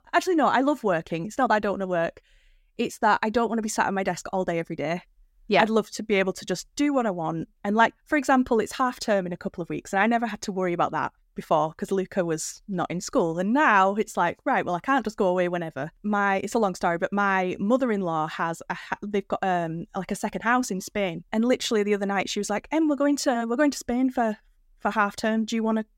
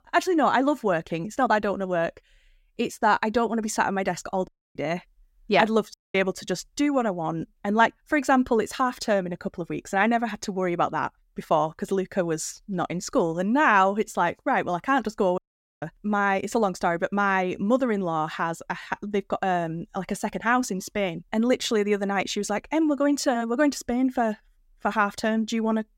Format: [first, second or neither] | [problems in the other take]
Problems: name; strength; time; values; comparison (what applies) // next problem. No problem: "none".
first | audio cutting out; at 4.5 s, at 6 s and at 15 s